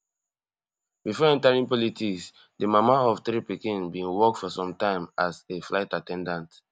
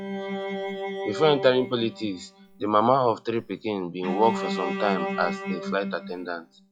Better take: first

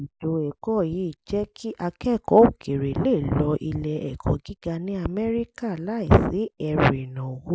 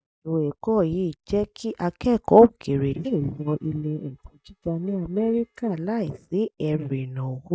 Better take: first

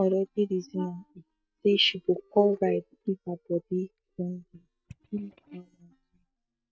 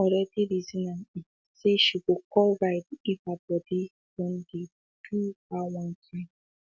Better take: second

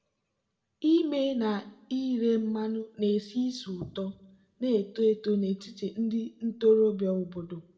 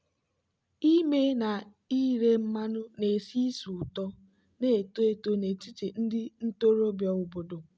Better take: second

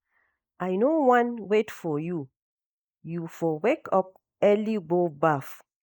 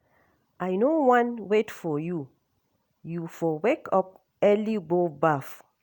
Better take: second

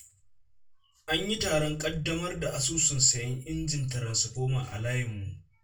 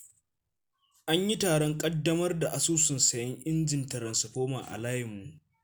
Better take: second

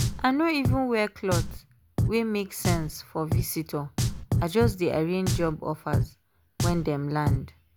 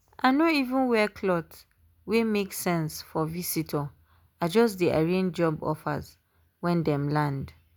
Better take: second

